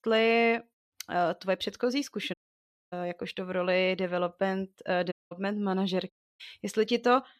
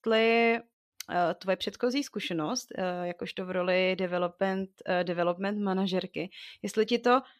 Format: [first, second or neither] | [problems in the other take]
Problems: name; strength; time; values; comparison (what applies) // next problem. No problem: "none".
second | audio cutting out; at 2.5 s for 0.5 s, at 5 s and at 6 s